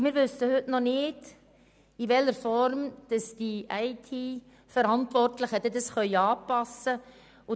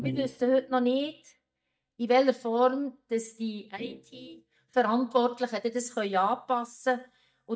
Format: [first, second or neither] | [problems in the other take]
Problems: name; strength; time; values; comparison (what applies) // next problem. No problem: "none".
first | noise reduction (neural mask model DeepFilterNet 3)